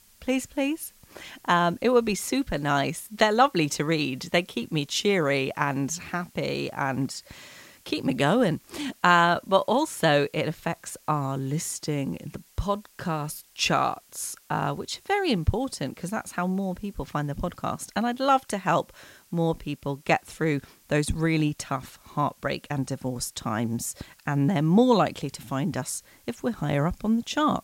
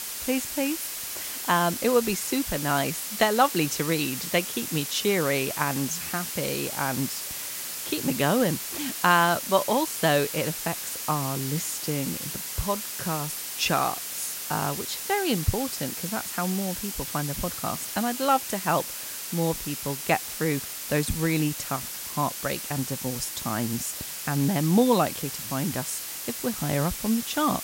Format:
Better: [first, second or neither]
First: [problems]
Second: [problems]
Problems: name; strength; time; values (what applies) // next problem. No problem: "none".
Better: first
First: hiss; faint; throughout; 30 dB below the speech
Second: hiss; loud; throughout; 4 dB below the speech